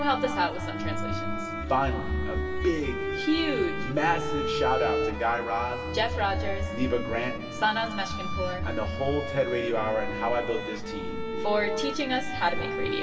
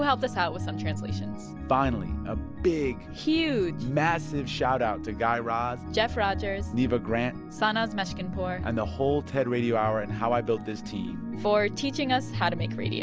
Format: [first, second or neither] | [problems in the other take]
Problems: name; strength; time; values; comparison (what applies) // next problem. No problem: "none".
second | background sound (Bowed string instrument); 6 dB below the speech // room echo; dies away in 2 s